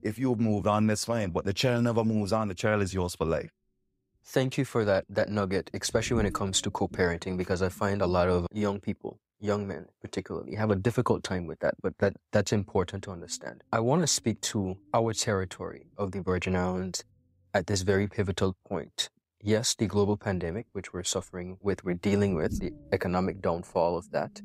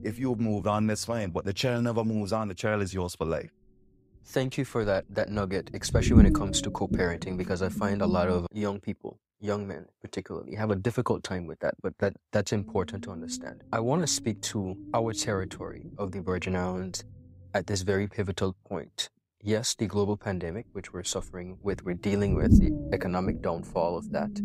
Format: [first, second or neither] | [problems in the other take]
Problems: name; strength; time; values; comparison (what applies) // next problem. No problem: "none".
first | low rumble; loud; until 8.5 s and from 13 s on; 6 dB below the speech; faint in the first